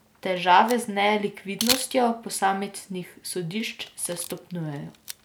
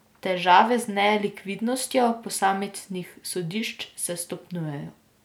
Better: second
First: background sound (Camera); 11 dB below the speech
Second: none

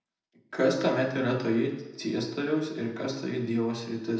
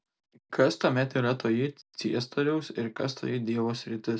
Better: second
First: room echo; dies away in 0.8 s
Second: none

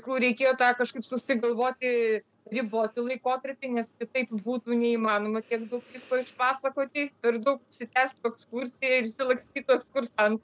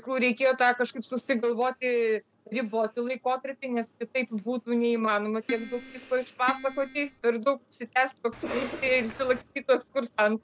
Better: first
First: none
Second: background sound (Keyboard (musical) + Cough); 10 dB below the speech

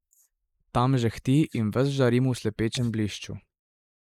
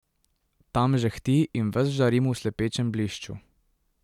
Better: second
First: noise reduction (neural mask model Resemble Enhance denoiser)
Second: none

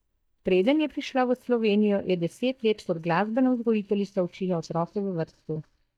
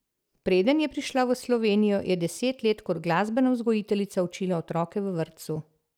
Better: second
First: noise reduction (neural mask model DeepFilterNet 3)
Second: none

